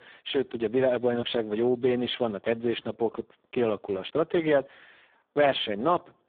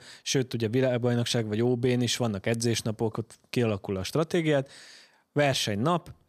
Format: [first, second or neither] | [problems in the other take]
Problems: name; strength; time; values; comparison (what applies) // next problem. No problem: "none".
second | phone-call audio; poor line; nothing above 3.5 kHz